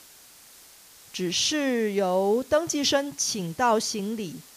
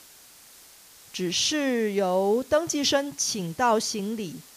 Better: neither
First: hiss; faint; throughout; 25 dB below the speech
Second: hiss; faint; throughout; 25 dB below the speech

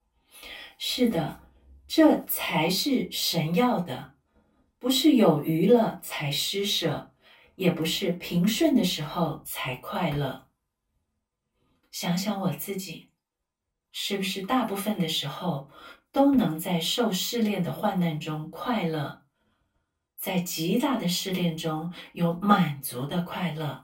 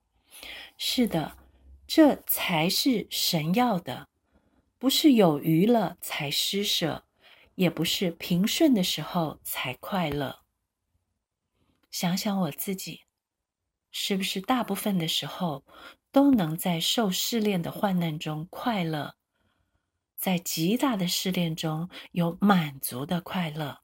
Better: second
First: off-mic speech; far // room echo; very slight; dies away in 0.2 s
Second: none

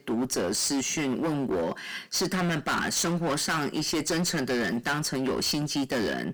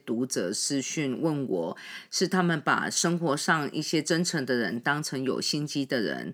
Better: second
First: distortion; heavy; 23% of the sound clipped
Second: none

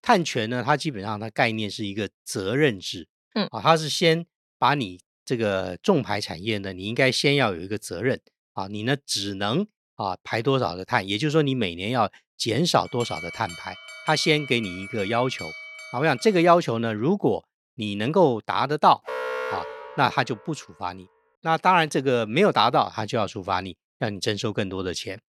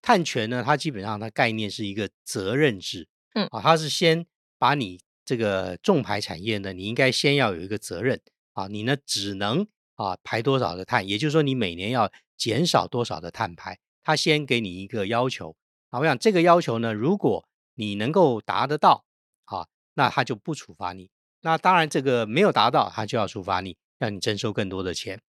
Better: second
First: alarm; noticeable; from 13 to 16 s and from 19 to 20 s; peak 5 dB below the speech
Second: none

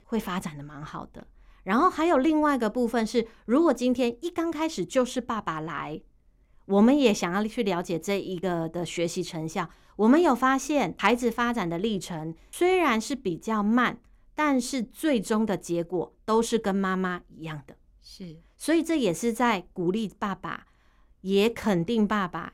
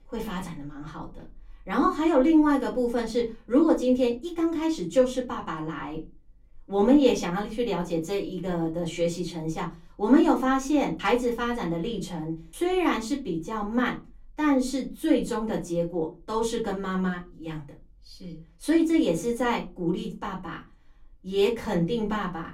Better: first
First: none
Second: off-mic speech; far // room echo; very slight; dies away in 0.2 s

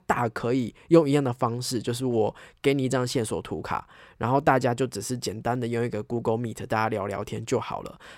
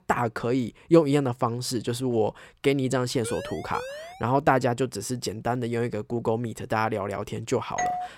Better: first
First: none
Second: siren; faint; at 3 s; peak 10 dB below the speech // doorbell; noticeable; at 8 s; peak 2 dB below the speech

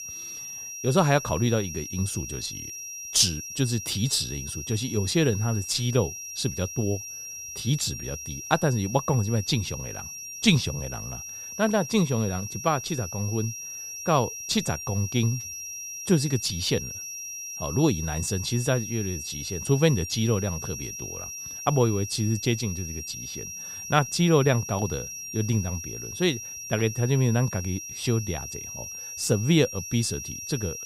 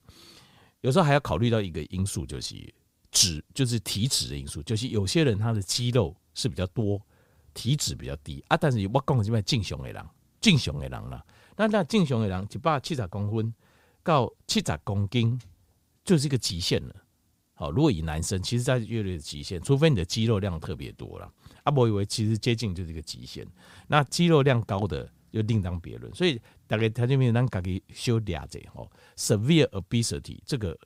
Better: second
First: high-pitched whine; loud; throughout; 5.5 kHz, 8 dB below the speech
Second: none

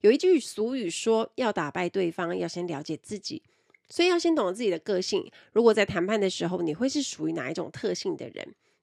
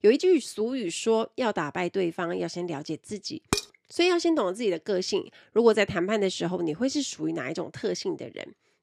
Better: first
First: none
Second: clattering dishes; noticeable; at 3.5 s; peak 3 dB below the speech

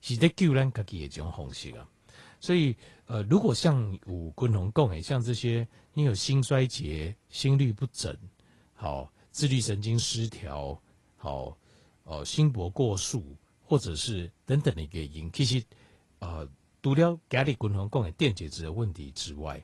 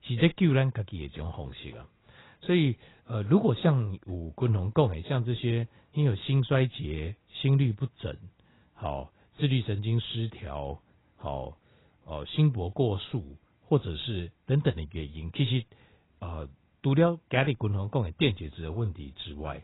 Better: first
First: garbled, watery; slightly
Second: garbled, watery; badly; nothing above 4 kHz

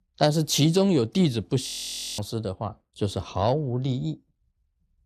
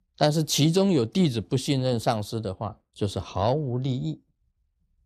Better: second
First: audio freezing; at 1.5 s for 0.5 s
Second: none

